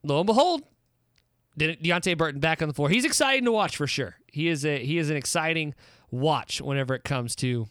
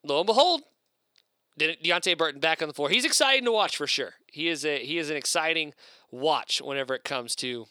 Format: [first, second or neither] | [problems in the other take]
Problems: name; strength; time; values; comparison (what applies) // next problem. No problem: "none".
first | thin; somewhat; fading below 450 Hz